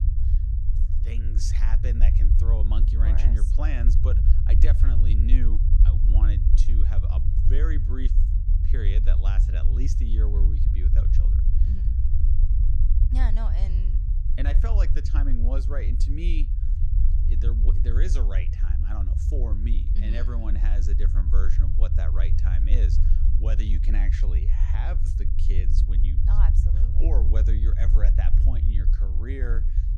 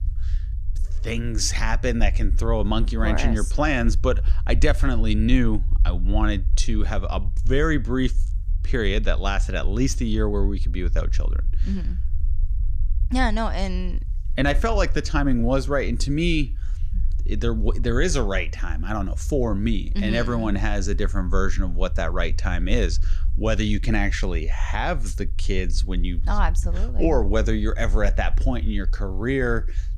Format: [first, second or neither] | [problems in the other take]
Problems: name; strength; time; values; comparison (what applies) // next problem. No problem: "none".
second | low rumble; loud; throughout; 2 dB below the speech; faint in the second